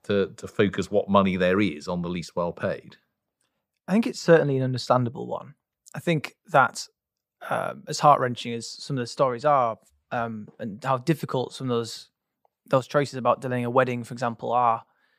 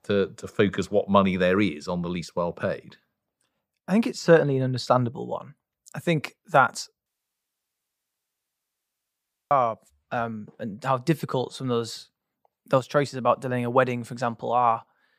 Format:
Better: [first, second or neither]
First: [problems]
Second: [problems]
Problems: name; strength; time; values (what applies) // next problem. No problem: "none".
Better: first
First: none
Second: audio cutting out; at 7 s for 2.5 s